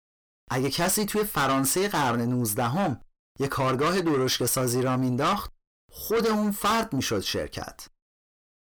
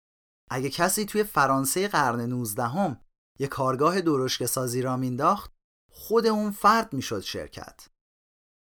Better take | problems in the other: second | distortion; heavy; 6 dB below the speech

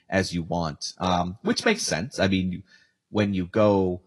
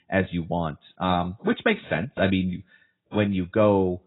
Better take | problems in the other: first | garbled, watery; badly; nothing above 4 kHz; slightly in the first

